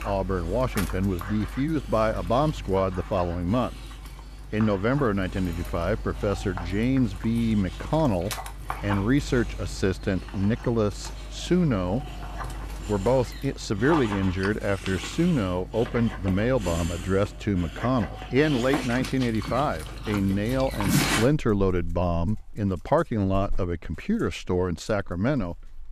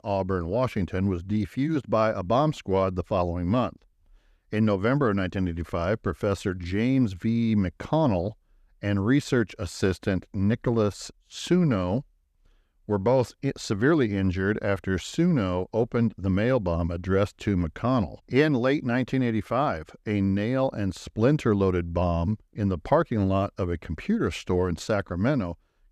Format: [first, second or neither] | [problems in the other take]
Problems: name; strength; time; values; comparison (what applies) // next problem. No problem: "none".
second | animal sounds; loud; throughout; 9 dB below the speech